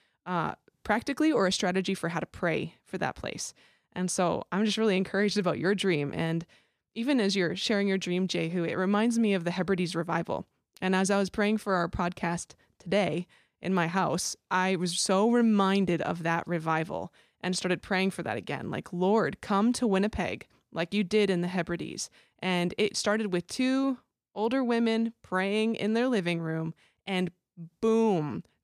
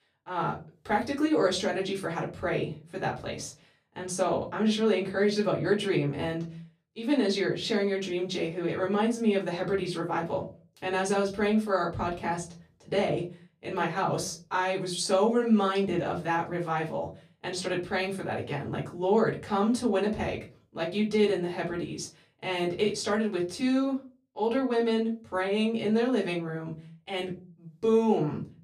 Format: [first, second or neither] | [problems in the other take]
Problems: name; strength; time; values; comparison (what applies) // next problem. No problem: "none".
first | off-mic speech; far // room echo; very slight; dies away in 0.3 s